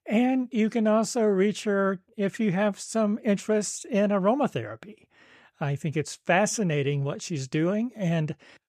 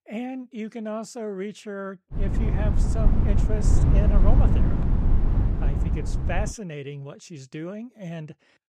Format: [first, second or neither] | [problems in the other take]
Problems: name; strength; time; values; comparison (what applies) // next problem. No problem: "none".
first | low rumble; loud; from 2 to 6.5 s; as loud as the speech